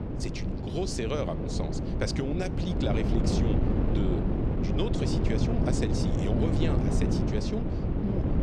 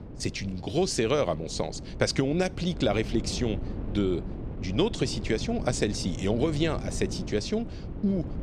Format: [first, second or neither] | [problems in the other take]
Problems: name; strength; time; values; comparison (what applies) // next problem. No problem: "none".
second | wind noise on the microphone; heavy; 1 dB above the speech; occasional gusts in the second